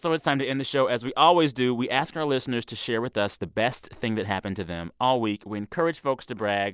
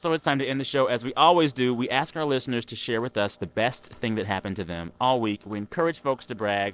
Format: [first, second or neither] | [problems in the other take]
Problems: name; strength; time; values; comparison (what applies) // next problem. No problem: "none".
first | noise reduction (neural separator model SepFormer DNS4)